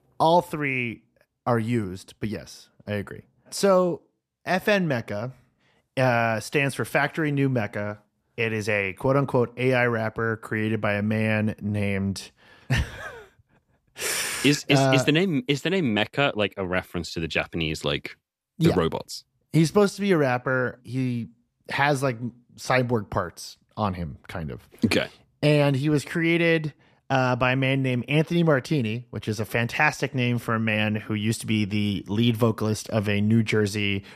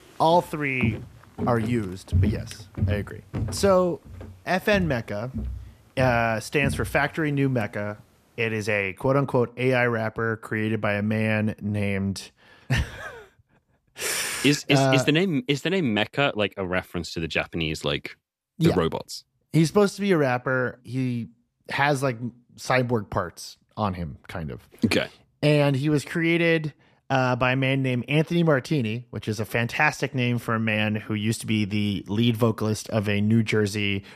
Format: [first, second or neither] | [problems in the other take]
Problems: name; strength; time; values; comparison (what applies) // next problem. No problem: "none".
first | footsteps; noticeable; from 1 to 7 s; peak level with the speech